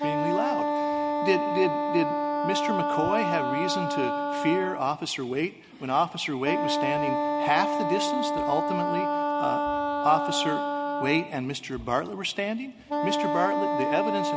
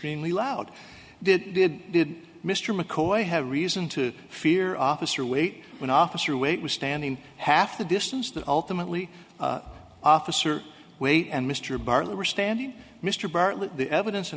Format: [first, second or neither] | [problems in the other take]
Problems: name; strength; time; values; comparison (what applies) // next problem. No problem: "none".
second | background sound (Wind instrument, woodwind instrument); 1 dB above the speech